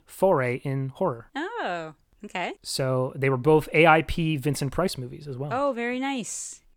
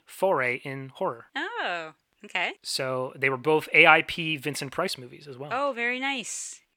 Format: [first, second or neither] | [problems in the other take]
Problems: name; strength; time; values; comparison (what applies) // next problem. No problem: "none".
first | thin; very slightly; fading below 350 Hz